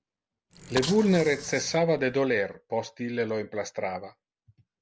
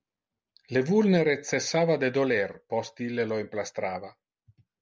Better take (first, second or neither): second